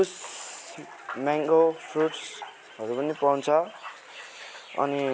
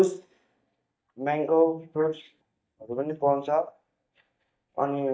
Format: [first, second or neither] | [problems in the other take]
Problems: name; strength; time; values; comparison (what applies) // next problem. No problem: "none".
first | noise reduction (neural mask model DeepFilterNet 3)